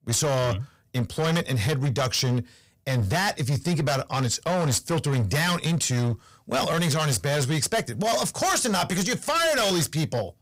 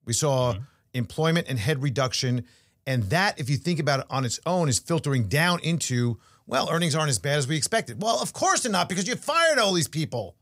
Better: second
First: distortion; heavy; 20% of the sound clipped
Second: none

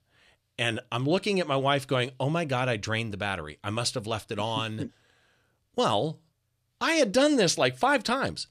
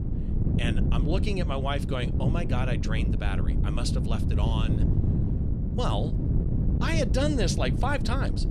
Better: first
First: none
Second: wind noise on the microphone; heavy; 6 dB below the speech

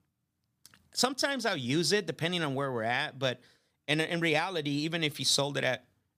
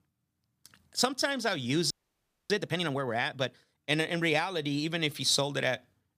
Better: first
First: none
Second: audio freezing; at 2 s for 0.5 s

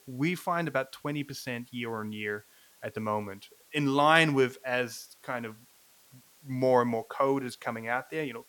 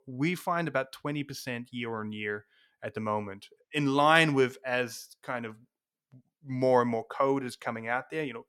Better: second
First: hiss; faint; throughout; 30 dB below the speech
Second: none

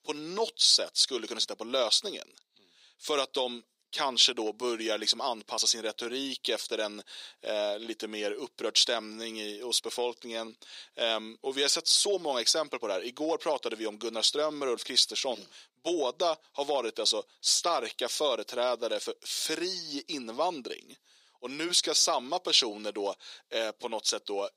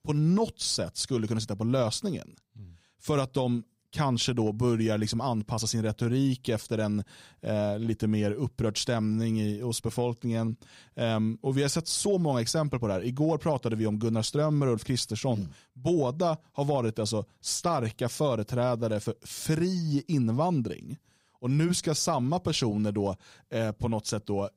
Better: second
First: thin; very; fading below 350 Hz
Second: none

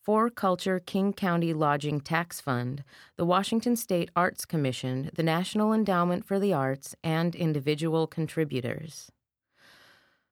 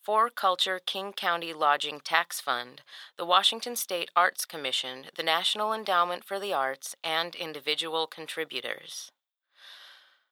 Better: first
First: none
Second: thin; very; fading below 850 Hz

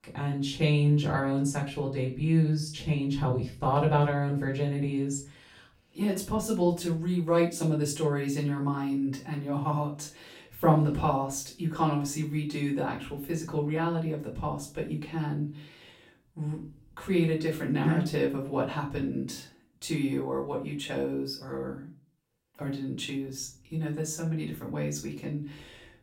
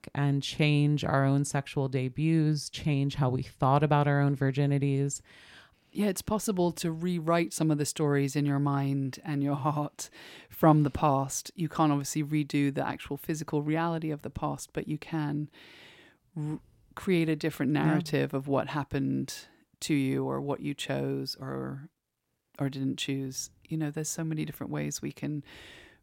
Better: second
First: off-mic speech; far // room echo; slight; dies away in 0.3 s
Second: none

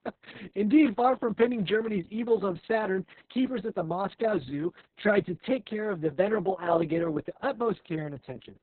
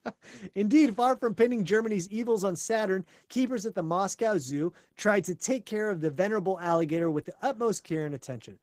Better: second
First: garbled, watery; badly; nothing above 4 kHz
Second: garbled, watery; slightly; nothing above 15.5 kHz

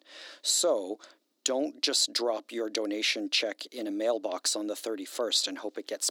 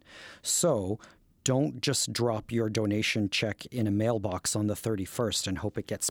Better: second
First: thin; somewhat; fading below 300 Hz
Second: none

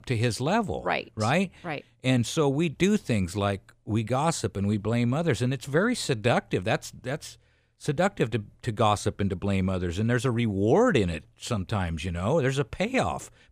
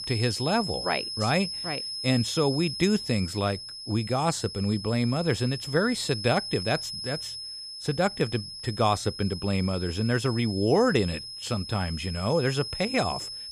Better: first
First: none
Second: high-pitched whine; loud; throughout; 5 kHz, 7 dB below the speech

